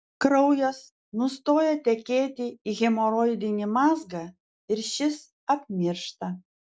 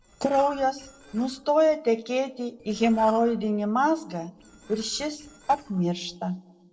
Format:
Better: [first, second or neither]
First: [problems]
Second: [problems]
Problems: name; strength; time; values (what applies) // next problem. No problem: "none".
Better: first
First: none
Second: noise reduction (neural separator model SepFormer DNS4)